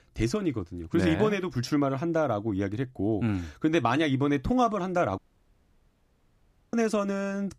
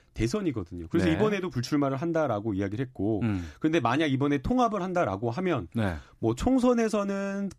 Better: second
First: audio cutting out; at 5 s for 1.5 s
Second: none

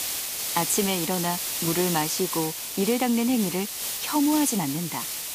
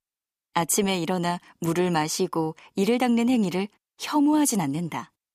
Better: second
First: hiss; loud; throughout; 2 dB below the speech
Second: none

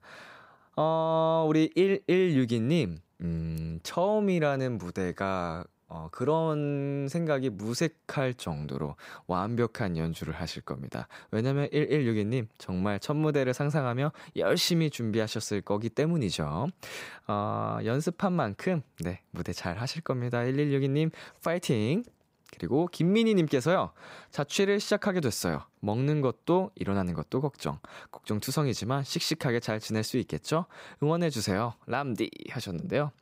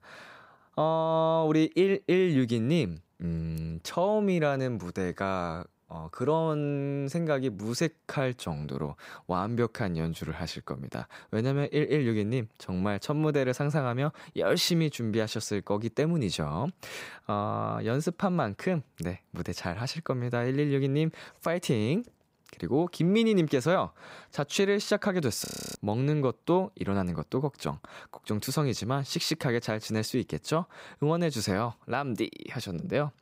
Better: first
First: none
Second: audio freezing; at 25 s

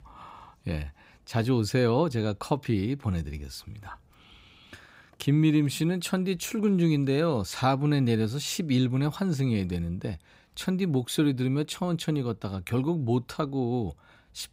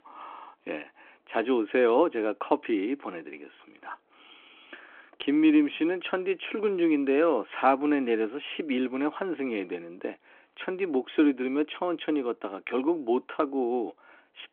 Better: first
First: none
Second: phone-call audio; nothing above 3.5 kHz

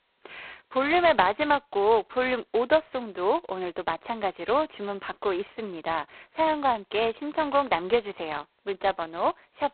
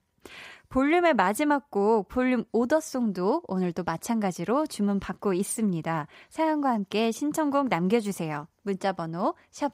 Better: second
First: phone-call audio; poor line; nothing above 4 kHz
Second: none

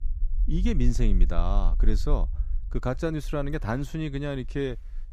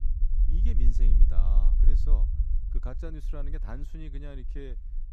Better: first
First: low rumble; faint; throughout; 20 dB below the speech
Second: low rumble; loud; throughout; 4 dB below the speech

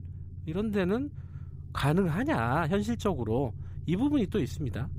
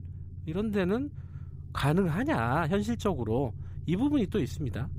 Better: neither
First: low rumble; faint; throughout; 20 dB below the speech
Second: low rumble; faint; throughout; 20 dB below the speech

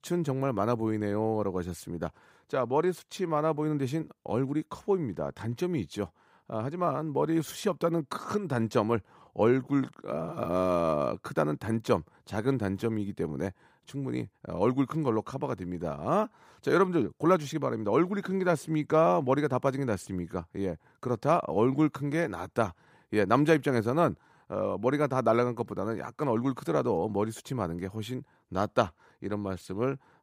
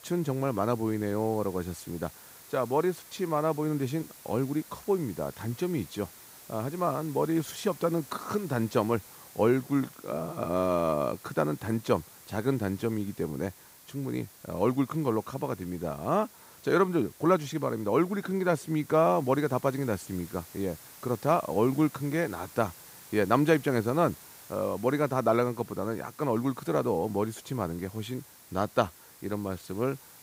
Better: first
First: none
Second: hiss; noticeable; throughout; 20 dB below the speech

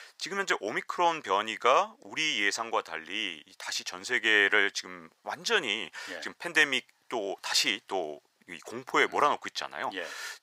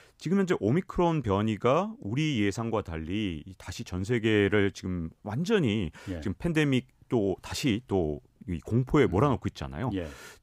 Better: second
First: thin; very; fading below 800 Hz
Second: none

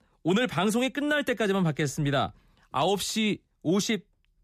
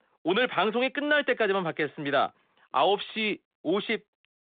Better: first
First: none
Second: phone-call audio; nothing above 3.5 kHz

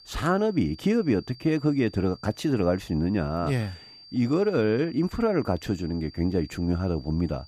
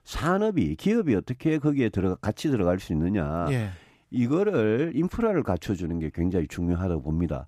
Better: second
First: high-pitched whine; faint; throughout; 4.5 kHz, 20 dB below the speech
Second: none

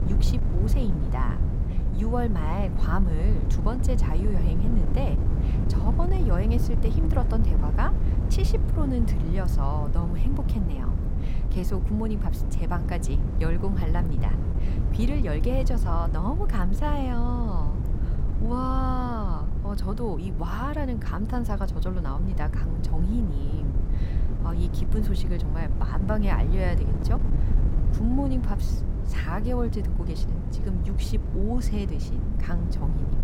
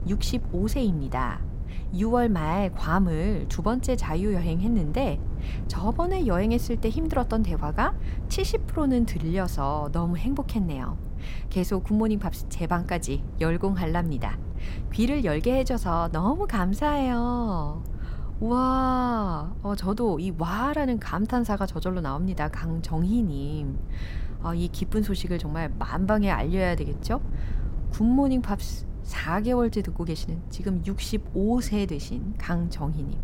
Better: second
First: wind noise on the microphone; heavy; 6 dB below the speech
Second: wind noise on the microphone; occasional gusts; 20 dB below the speech

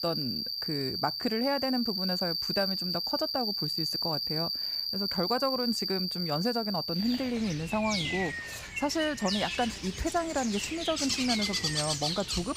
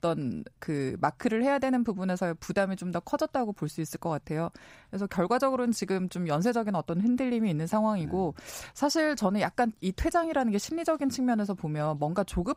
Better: second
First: animal sounds; very loud; throughout; 1 dB above the speech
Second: none

